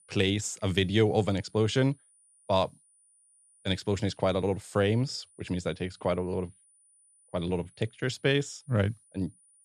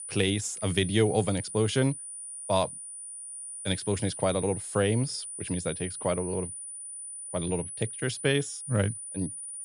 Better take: first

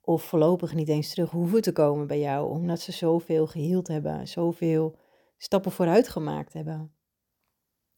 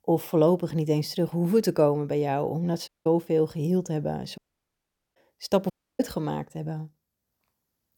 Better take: first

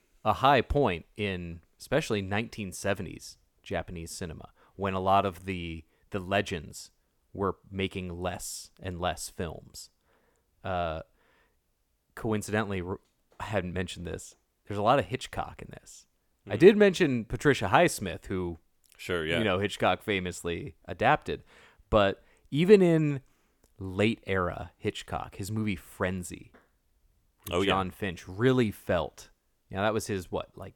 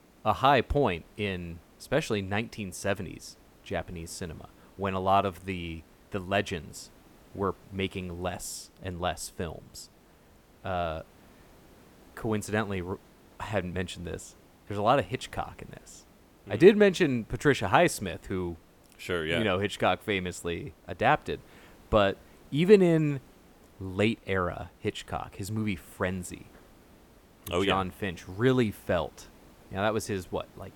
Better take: first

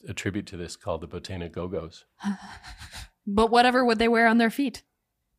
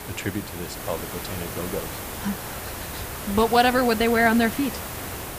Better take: first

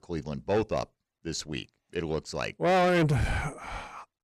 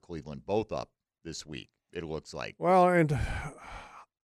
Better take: second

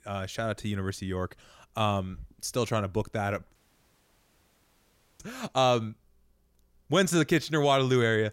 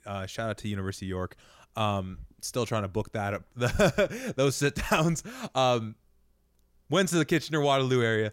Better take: second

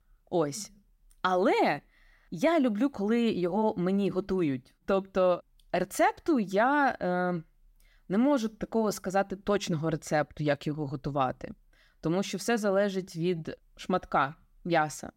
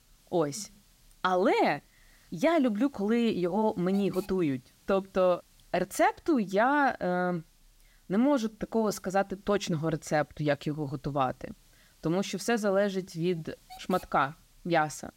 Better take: first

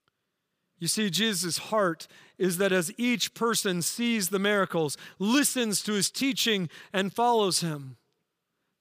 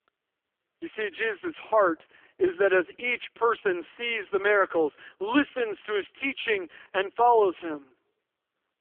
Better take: first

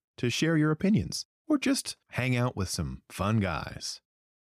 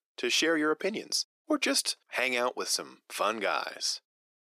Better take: first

